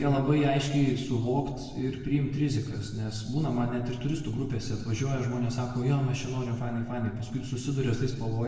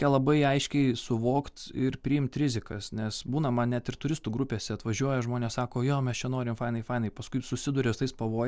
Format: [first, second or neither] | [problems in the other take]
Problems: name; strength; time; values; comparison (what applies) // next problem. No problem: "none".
second | room echo; dies away in 1.1 s